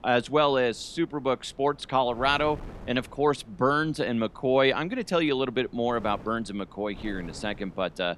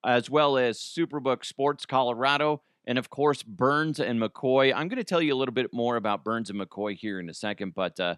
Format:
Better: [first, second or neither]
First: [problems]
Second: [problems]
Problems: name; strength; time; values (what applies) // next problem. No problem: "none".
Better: second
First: wind noise on the microphone; occasional gusts; 25 dB below the speech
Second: none